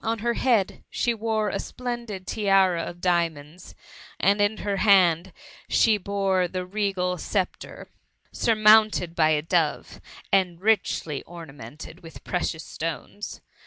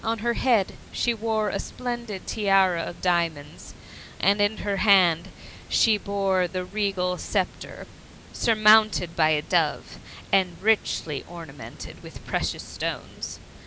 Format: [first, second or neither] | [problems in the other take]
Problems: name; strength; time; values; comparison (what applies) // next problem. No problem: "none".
first | background sound (Water); 19 dB below the speech